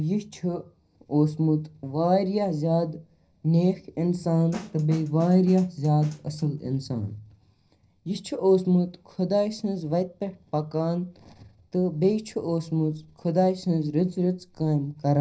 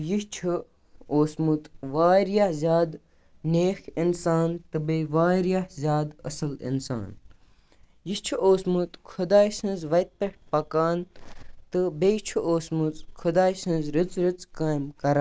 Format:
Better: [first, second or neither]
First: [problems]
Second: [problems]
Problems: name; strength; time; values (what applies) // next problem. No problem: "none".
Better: second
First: background sound (Snare drum); 17 dB below the speech // room echo; dies away in 0.4 s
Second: none